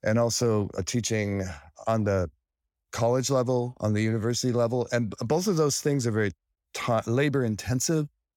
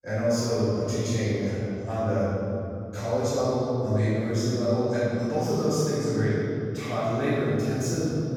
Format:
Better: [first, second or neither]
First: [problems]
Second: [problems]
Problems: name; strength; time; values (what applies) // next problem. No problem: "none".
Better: first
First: none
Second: off-mic speech; far // room echo; strong; dies away in 3 s